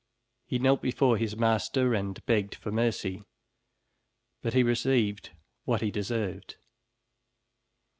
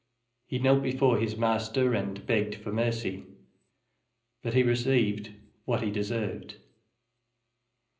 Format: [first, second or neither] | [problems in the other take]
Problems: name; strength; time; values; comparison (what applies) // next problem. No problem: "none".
first | room echo; dies away in 0.5 s